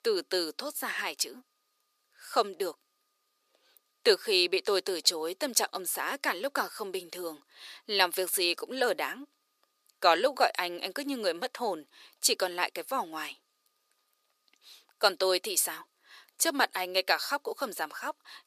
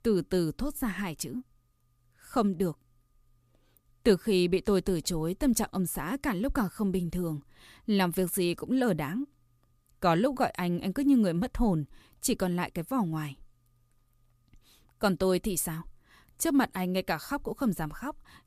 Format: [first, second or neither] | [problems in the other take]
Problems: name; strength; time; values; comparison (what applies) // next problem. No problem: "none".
second | thin; very; fading below 400 Hz